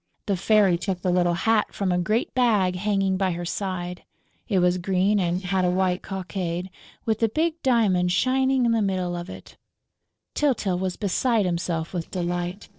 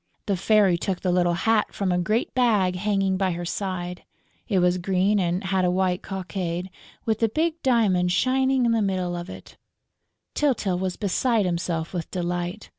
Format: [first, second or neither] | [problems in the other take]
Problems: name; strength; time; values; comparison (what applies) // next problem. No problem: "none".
second | noise reduction (neural separator model SepFormer DNS4)